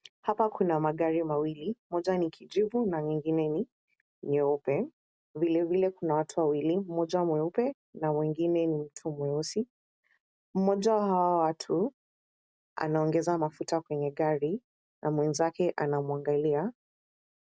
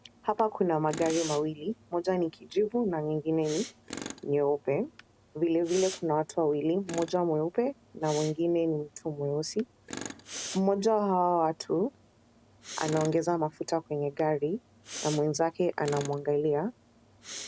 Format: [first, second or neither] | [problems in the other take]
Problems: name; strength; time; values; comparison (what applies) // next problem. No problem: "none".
first | background sound (Tools + Respiratory sounds); 15 dB below the speech